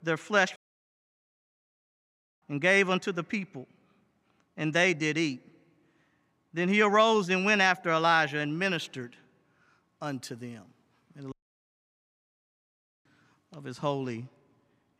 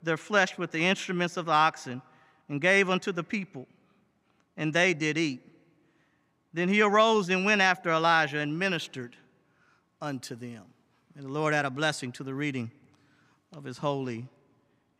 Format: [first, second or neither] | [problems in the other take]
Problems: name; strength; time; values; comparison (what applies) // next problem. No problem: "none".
second | audio cutting out; at 0.5 s for 2 s and at 11 s for 1.5 s